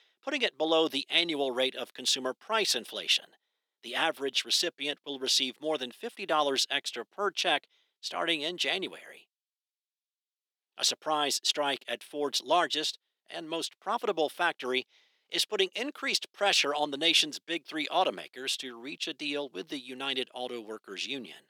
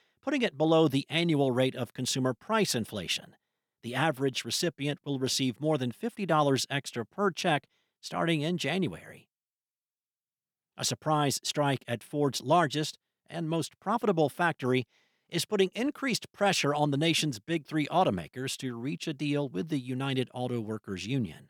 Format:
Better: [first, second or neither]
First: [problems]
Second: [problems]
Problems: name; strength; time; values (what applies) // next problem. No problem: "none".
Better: second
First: thin; somewhat; fading below 350 Hz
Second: none